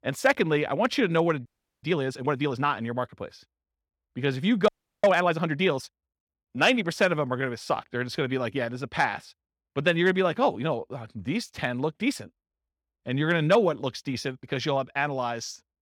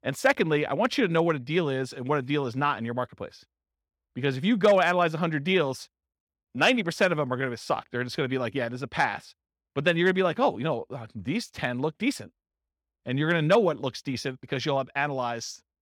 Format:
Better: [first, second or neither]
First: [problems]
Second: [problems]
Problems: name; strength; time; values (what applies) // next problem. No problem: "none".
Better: second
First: audio freezing; at 1.5 s and at 4.5 s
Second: none